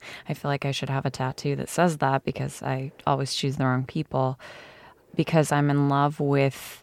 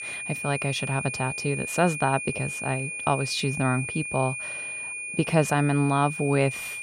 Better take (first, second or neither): first